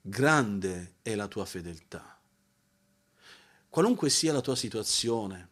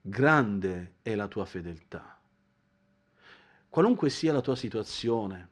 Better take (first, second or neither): first